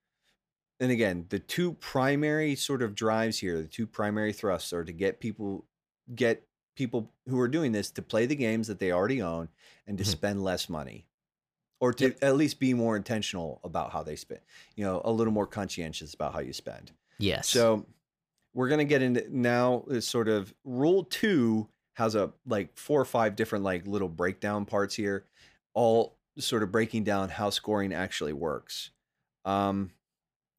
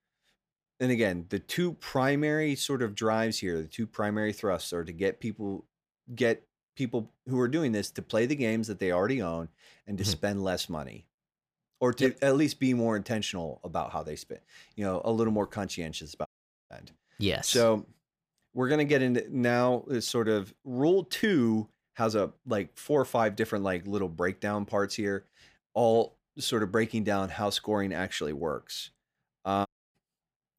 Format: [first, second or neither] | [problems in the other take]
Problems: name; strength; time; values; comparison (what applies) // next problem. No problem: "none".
first | audio cutting out; at 16 s and at 30 s